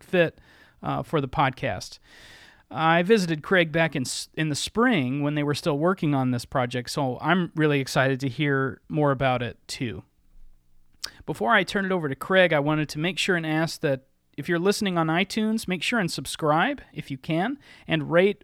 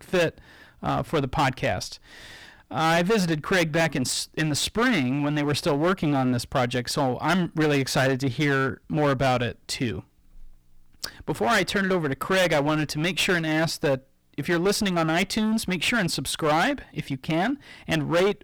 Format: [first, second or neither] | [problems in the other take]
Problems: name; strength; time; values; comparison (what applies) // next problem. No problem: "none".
first | distortion; heavy; 14% of the sound clipped